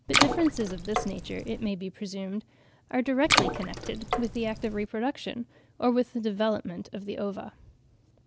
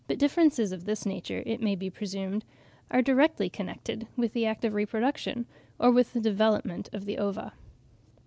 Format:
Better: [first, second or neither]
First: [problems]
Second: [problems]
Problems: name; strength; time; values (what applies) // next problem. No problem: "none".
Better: second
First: background sound (Water / Splash, splatter); 1 dB above the speech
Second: none